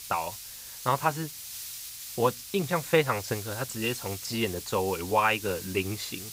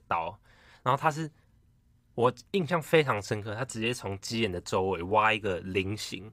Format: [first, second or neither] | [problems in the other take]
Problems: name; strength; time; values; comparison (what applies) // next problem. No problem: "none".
second | hiss; loud; throughout; 9 dB below the speech